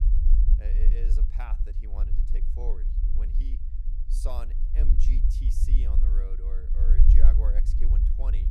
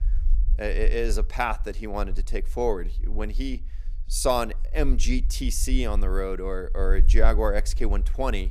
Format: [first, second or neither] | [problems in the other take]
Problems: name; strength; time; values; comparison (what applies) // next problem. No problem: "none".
second | low rumble; loud; throughout; 2 dB below the speech; faint in the second